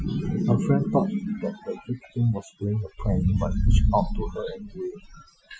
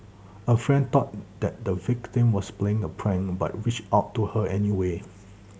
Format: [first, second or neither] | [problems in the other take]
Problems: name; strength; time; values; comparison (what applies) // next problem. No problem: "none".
second | noise reduction (classical method Wiener filter)